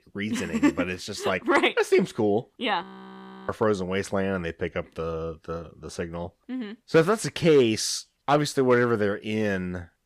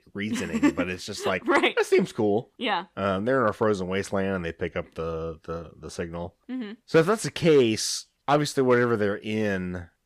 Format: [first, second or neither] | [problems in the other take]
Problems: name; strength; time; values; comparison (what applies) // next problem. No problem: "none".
second | audio freezing; at 3 s for 0.5 s